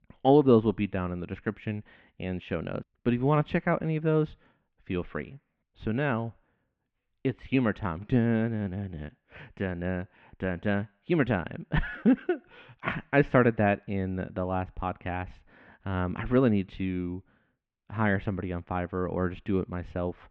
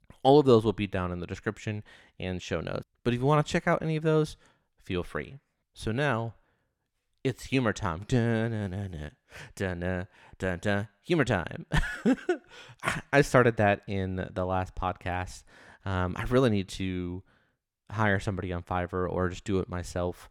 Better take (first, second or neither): second